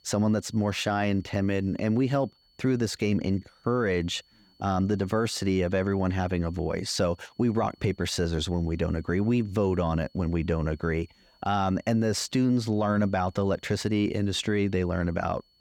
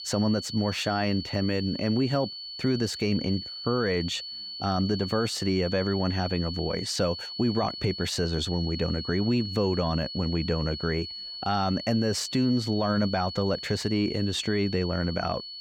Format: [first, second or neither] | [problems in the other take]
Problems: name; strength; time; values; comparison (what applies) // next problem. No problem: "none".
first | high-pitched whine; loud; throughout; 4.5 kHz, 8 dB below the speech; faint in the first